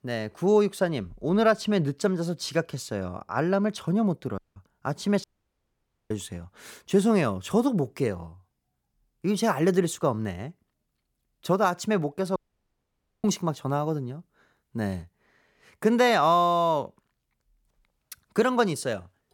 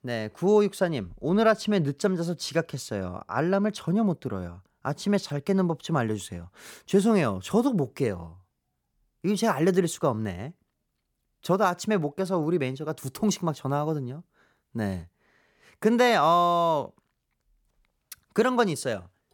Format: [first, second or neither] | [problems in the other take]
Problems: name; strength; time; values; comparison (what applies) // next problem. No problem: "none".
second | audio cutting out; at 4.5 s, at 5 s for 1 s and at 12 s for 1 s